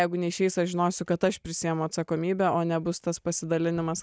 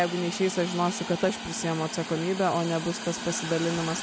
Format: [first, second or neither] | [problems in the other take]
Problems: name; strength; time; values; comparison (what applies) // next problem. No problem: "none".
first | background sound (Hiss); 8 dB below the speech